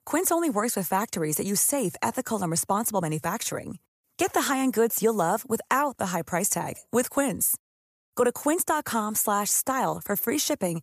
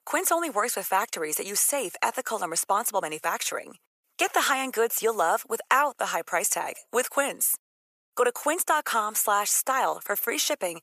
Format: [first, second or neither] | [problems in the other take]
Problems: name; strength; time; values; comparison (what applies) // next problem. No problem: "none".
first | thin; somewhat; fading below 550 Hz